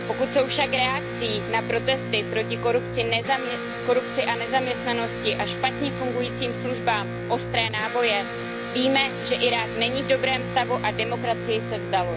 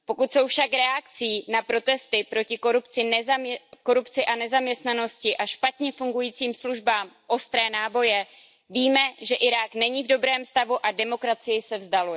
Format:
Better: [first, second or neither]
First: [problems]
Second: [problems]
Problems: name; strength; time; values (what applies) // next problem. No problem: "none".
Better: second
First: background sound (Electric guitar); 5 dB below the speech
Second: none